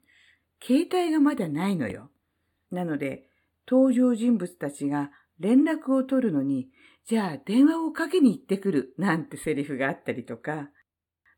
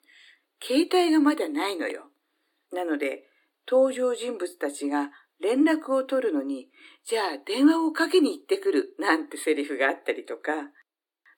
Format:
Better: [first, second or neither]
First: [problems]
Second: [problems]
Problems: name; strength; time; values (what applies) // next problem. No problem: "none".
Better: first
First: none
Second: thin; somewhat; fading below 300 Hz